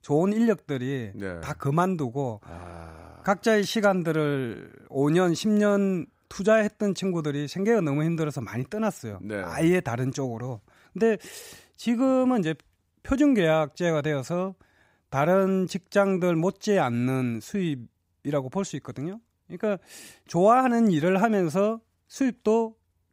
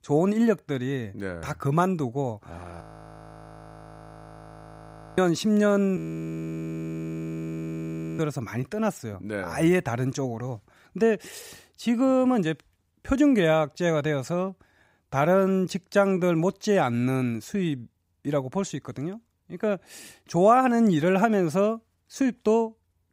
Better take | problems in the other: first | audio freezing; at 3 s for 2.5 s and at 6 s for 2 s

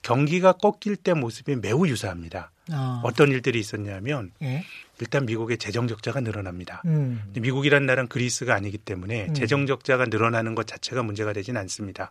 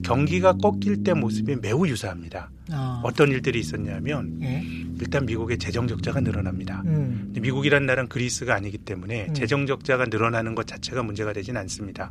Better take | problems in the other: first | low rumble; noticeable; throughout; 15 dB below the speech

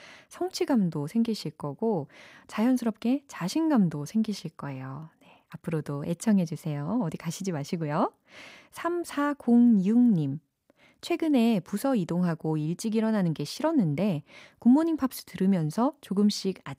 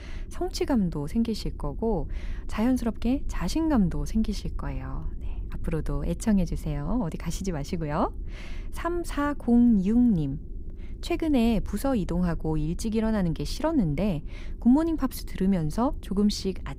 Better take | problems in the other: first | low rumble; faint; throughout; 25 dB below the speech

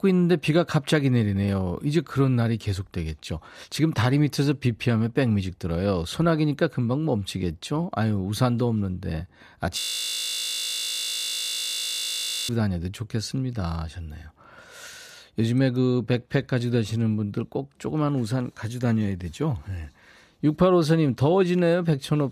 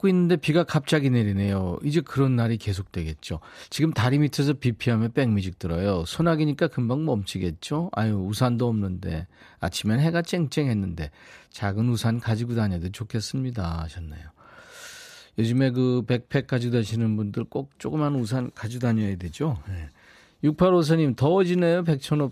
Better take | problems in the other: second | audio freezing; at 10 s for 2.5 s

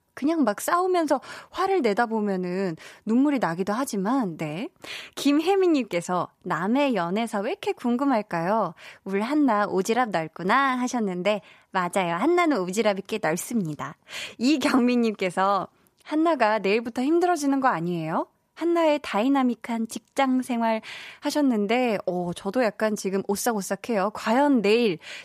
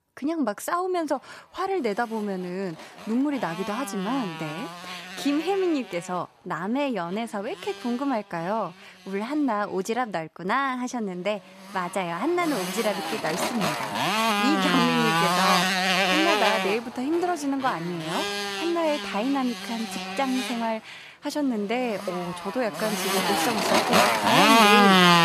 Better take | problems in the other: first | traffic noise; very loud; throughout; 5 dB above the speech

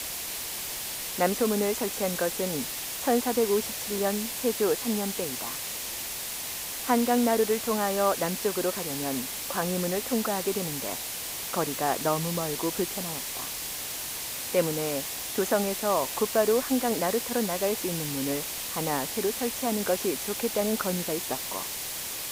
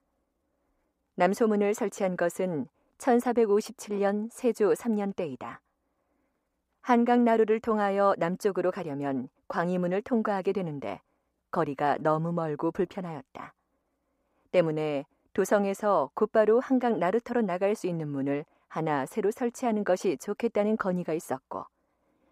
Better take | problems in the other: second | hiss; loud; throughout; 3 dB below the speech

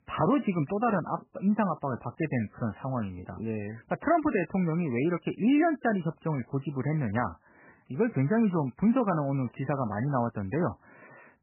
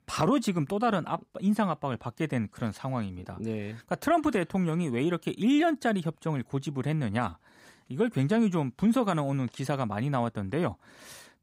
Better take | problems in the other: second | garbled, watery; badly; nothing above 3 kHz

